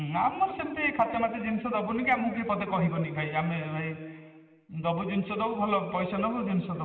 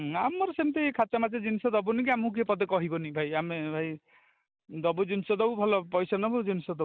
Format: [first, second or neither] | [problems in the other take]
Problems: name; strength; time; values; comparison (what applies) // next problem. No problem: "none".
second | room echo; dies away in 2 s